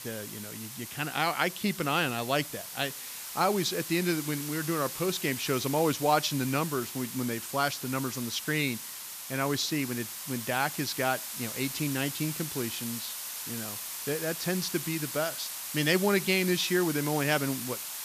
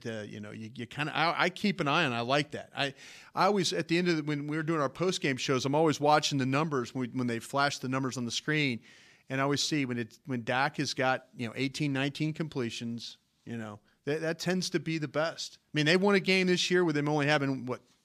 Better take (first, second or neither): second